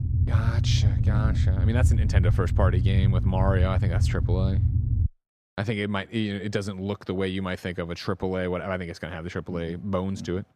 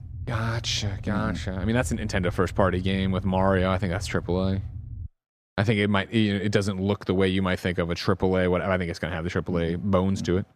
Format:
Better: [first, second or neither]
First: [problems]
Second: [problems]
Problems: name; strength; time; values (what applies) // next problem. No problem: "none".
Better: second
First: low rumble; loud; until 5 s; 7 dB below the speech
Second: low rumble; faint; until 5 s; 25 dB below the speech